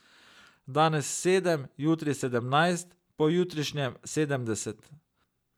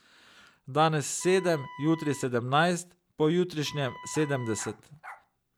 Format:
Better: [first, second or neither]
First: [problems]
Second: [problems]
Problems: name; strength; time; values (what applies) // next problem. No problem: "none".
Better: first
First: none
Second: background sound (Wind instrument, woodwind instrument + Bark); 17 dB below the speech